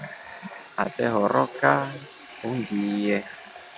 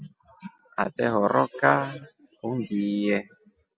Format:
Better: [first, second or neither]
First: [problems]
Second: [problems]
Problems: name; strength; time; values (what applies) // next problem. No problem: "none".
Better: second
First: background sound (Water tap, faucet); 16 dB below the speech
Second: none